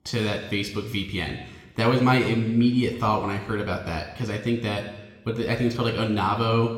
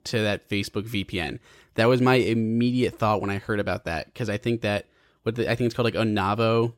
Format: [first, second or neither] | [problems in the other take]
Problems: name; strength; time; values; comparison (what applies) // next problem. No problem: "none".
second | room echo; slight; dies away in 1 s